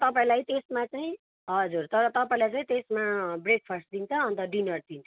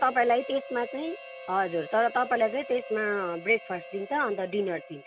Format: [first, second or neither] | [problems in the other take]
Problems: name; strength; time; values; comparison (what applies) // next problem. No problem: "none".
first | background sound (Harmonica); 15 dB below the speech